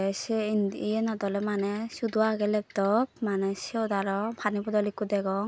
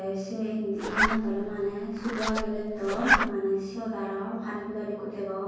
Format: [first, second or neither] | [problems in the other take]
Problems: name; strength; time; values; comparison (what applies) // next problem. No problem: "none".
first | background sound (Zipper (clothing)); 1 dB above the speech // room echo; dies away in 1.3 s